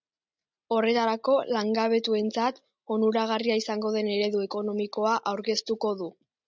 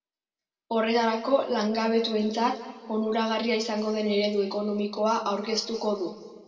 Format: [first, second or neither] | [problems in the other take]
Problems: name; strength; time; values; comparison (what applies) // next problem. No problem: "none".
first | room echo; dies away in 1.7 s